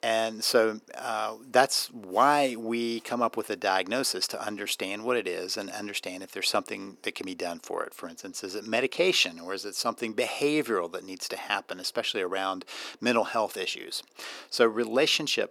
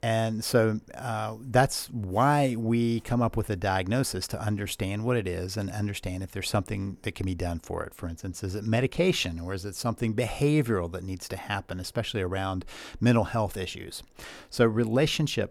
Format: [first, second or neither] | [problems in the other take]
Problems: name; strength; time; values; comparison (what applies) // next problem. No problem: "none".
second | thin; somewhat; fading below 300 Hz